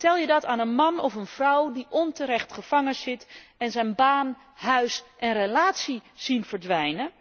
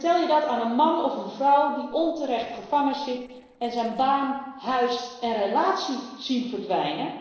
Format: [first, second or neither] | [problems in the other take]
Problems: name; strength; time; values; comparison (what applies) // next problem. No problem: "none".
first | noise reduction (neural separator model SepFormer DNS4)